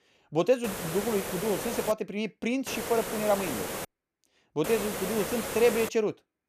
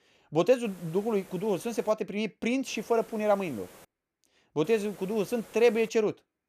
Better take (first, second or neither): second